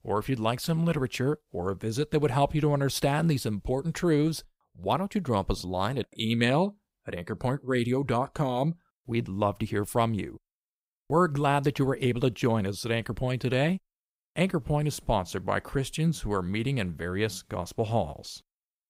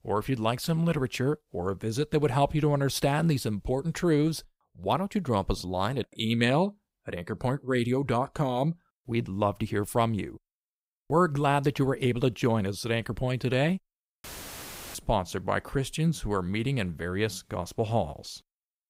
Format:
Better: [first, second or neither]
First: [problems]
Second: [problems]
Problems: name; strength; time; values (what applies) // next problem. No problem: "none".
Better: first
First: none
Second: audio cutting out; filled with static; at 14 s for 0.5 s